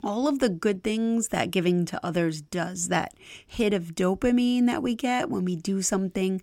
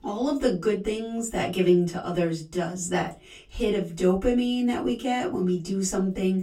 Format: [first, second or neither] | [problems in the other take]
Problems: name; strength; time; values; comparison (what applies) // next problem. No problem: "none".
first | off-mic speech; far // room echo; very slight; dies away in 0.2 s